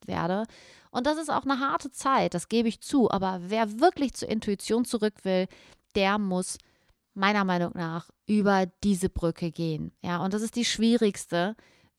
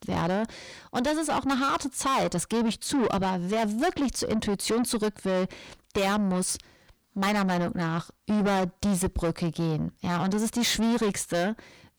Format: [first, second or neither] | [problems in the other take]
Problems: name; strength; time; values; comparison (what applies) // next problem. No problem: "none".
first | distortion; heavy; 6 dB below the speech